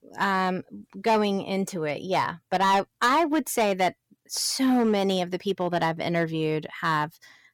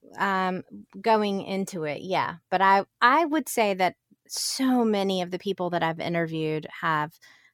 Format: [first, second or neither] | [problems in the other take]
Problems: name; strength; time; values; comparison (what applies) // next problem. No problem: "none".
second | distortion; slight; 5% of the sound clipped